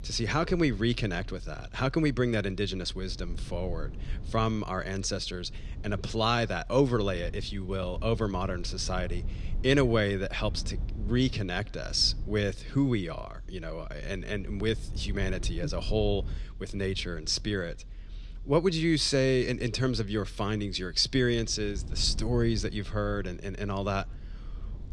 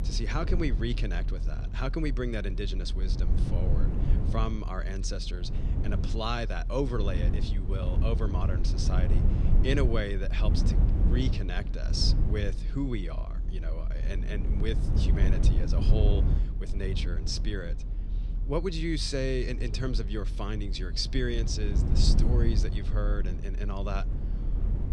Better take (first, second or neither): first